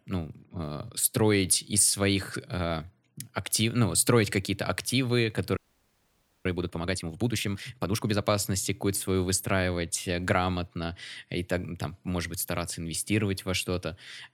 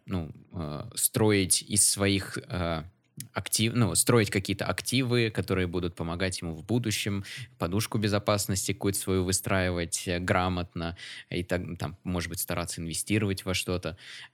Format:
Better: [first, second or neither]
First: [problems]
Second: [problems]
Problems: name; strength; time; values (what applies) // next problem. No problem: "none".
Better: second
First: audio freezing; at 5.5 s for 1 s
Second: none